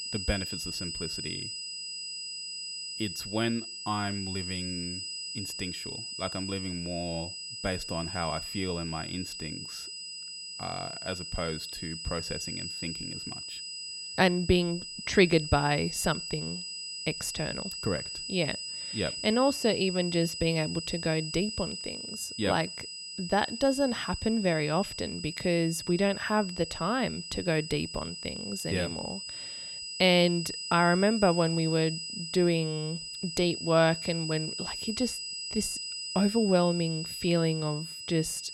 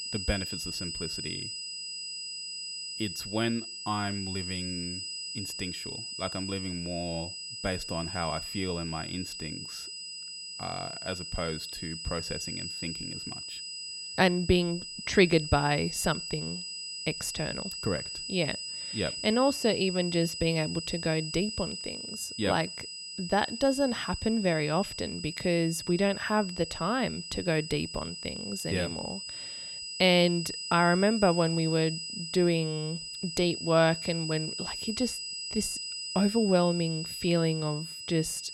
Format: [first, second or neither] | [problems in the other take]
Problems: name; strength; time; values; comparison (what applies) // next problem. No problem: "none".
neither | high-pitched whine; loud; throughout; 5 kHz, 6 dB below the speech; the same in both